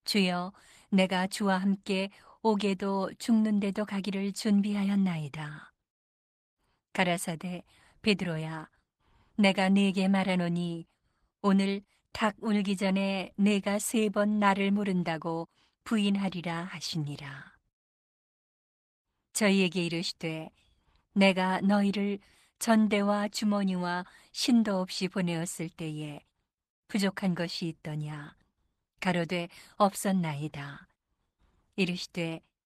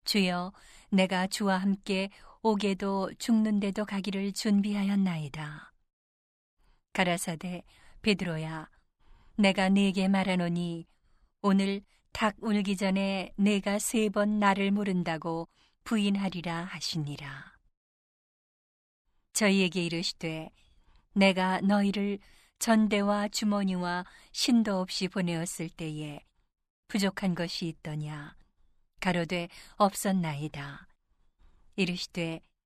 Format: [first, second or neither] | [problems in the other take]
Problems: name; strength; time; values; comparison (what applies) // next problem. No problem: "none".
second | garbled, watery; slightly; nothing above 14 kHz